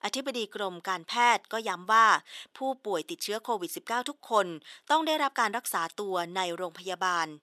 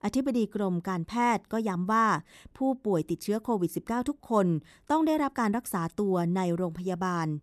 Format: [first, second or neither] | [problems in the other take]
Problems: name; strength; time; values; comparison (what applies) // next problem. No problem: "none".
second | thin; very; fading below 600 Hz